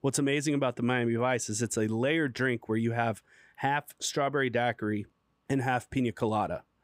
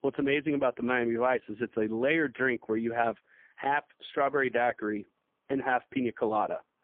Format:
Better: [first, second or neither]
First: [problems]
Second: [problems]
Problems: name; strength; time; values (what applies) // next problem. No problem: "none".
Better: first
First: none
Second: phone-call audio; poor line; nothing above 3.5 kHz